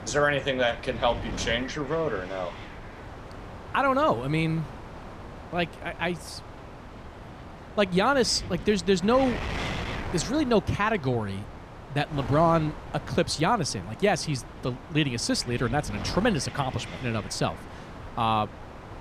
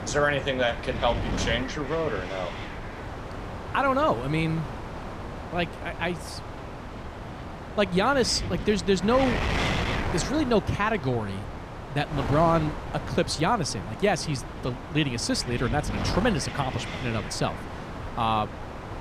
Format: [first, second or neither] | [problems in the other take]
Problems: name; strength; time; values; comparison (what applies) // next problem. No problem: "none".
first | wind noise on the microphone; heavy; 8 dB below the speech; occasional gusts in the first